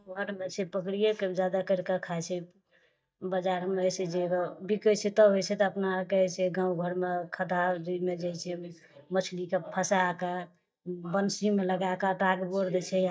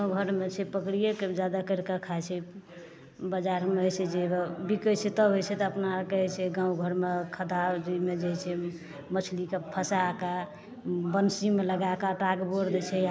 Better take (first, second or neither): second